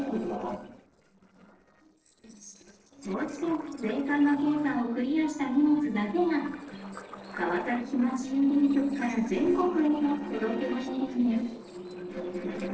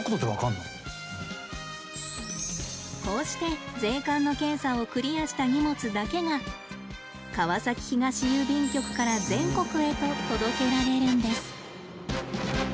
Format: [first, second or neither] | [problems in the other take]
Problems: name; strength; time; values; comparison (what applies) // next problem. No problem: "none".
second | noise reduction (neural separator model SepFormer DNS4)